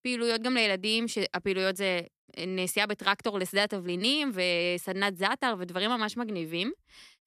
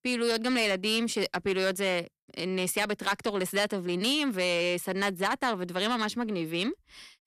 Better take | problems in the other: first | distortion; slight; 10 dB below the speech

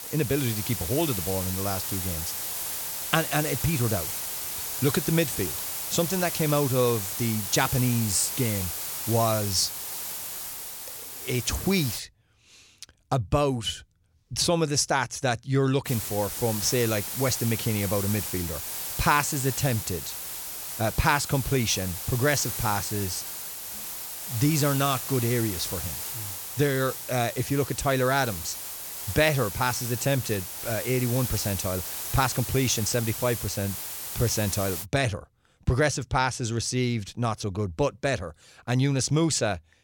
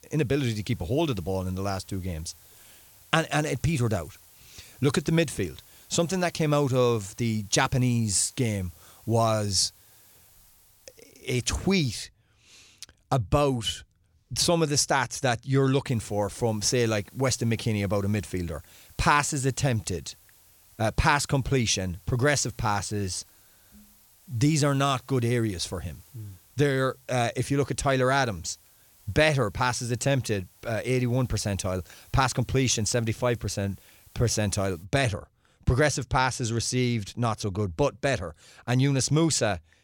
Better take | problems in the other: second | hiss; loud; until 12 s and from 16 to 35 s; 5 dB below the speech; faint in the second

